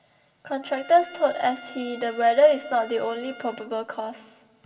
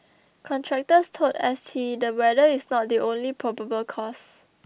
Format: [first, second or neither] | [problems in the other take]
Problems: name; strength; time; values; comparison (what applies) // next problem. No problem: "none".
second | background sound (Trumpet); 20 dB below the speech // room echo; dies away in 1.3 s